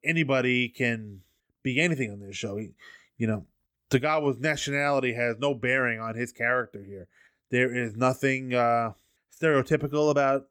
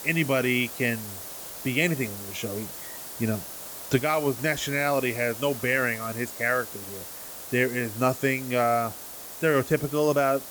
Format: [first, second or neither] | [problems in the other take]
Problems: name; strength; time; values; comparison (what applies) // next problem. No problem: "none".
first | hiss; noticeable; throughout; 10 dB below the speech